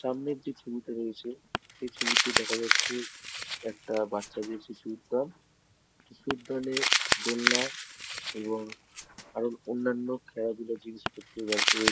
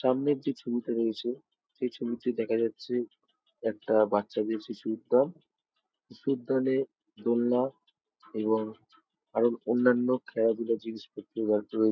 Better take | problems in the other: second | background sound (Crumpling, crinkling); 2 dB above the speech

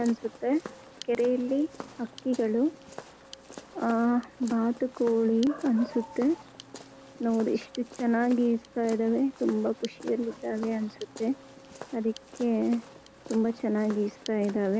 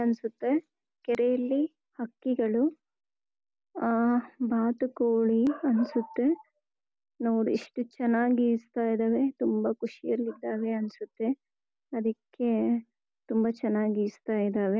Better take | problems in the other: second | background sound (Walk, footsteps); 18 dB below the speech

